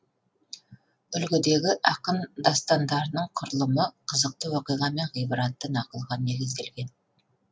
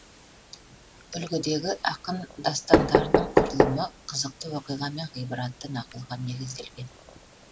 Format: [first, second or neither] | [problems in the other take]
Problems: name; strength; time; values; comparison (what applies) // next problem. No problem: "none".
first | background sound (Knock); 4 dB above the speech